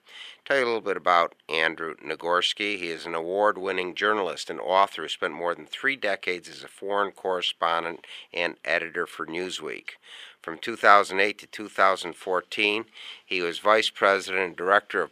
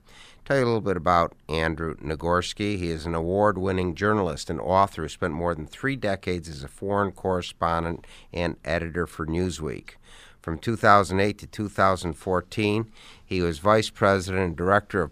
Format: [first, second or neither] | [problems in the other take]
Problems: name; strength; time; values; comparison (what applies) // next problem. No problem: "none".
second | thin; somewhat; fading below 400 Hz